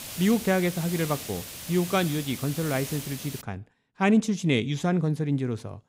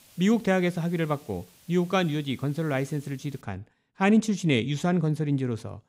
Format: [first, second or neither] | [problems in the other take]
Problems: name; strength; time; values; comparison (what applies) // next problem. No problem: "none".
second | hiss; loud; until 3.5 s; 10 dB below the speech; faint in the second